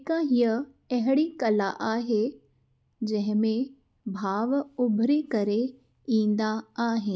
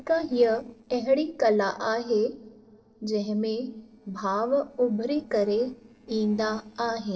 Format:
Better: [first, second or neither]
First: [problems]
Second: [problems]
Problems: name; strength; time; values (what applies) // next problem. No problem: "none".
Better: first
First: none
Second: noise reduction (neural separator model SepFormer DNS4)